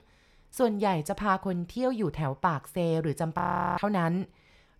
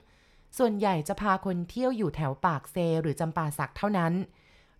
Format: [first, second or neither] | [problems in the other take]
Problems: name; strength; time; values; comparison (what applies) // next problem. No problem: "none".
second | audio freezing; at 3.5 s